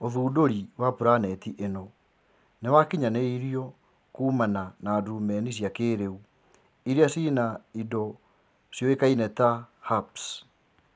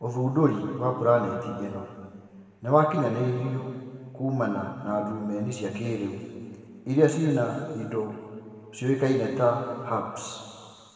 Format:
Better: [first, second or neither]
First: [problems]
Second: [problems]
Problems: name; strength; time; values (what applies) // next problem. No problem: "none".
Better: first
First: none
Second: room echo; dies away in 2.1 s